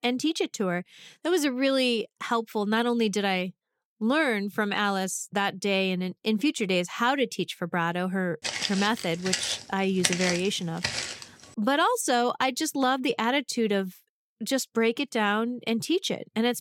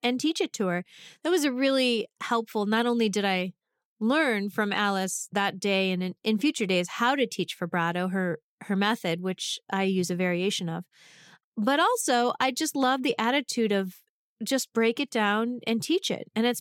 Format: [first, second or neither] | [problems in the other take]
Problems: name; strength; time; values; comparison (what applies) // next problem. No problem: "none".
second | footsteps; loud; from 8.5 to 11 s; peak 1 dB above the speech